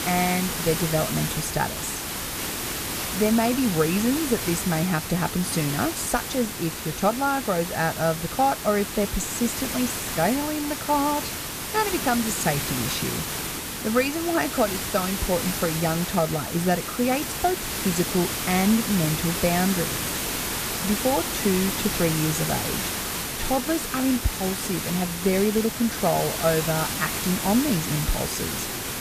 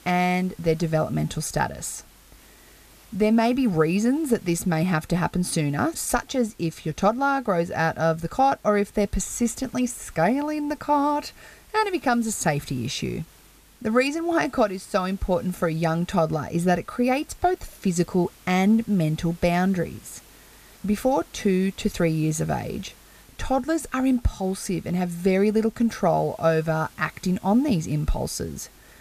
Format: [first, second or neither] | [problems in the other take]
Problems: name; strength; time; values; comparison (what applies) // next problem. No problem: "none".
second | hiss; loud; throughout; 2 dB below the speech; faint in the second